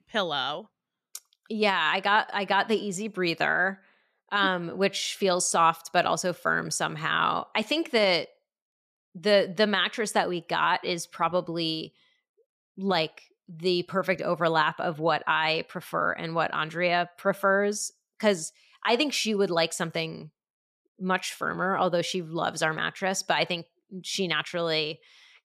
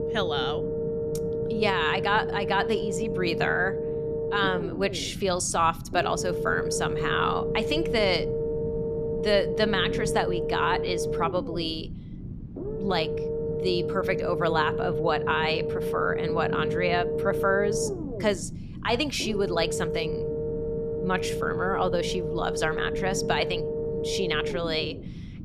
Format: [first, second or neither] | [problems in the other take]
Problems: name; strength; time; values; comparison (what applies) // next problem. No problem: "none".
first | low rumble; loud; throughout; 4 dB below the speech